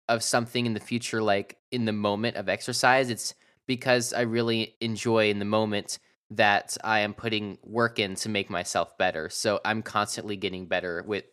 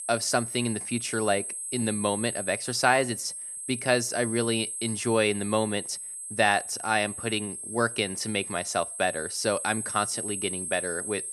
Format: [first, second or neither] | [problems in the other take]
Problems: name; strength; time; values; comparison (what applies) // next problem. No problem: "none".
first | high-pitched whine; loud; throughout; 8.5 kHz, 5 dB below the speech